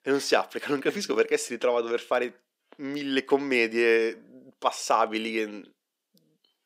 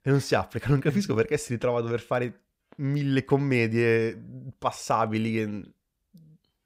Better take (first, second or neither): second